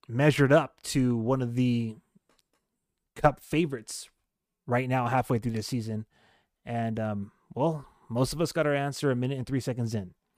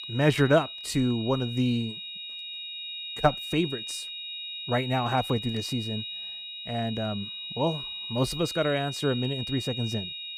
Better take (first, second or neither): first